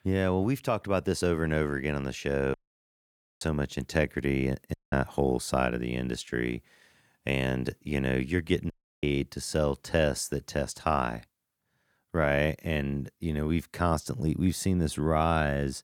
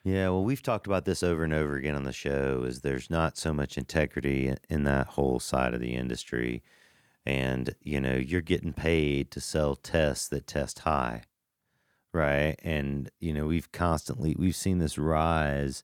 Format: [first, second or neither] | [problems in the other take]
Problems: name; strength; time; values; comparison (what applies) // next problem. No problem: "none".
second | audio cutting out; at 2.5 s for 1 s, at 4.5 s and at 8.5 s